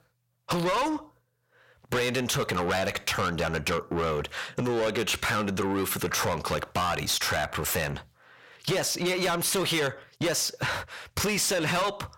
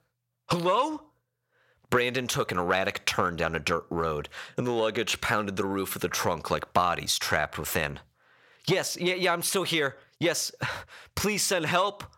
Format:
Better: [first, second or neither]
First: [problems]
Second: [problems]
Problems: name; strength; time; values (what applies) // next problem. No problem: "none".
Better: second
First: distortion; heavy; 6 dB below the speech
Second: none